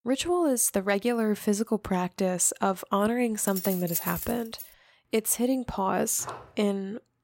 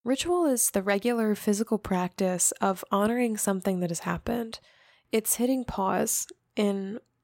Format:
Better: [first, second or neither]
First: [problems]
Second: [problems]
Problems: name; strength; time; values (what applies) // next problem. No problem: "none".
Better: second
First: jangling keys; noticeable; from 3.5 to 4.5 s; peak 4 dB below the speech // footsteps; faint; at 6 s; peak 15 dB below the speech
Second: none